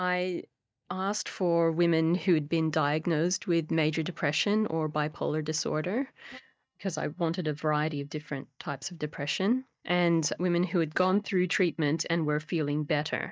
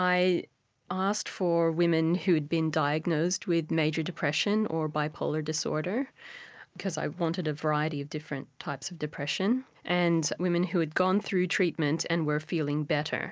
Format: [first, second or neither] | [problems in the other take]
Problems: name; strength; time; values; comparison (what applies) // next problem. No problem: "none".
second | noise reduction (neural mask model DeepFilterNet 3)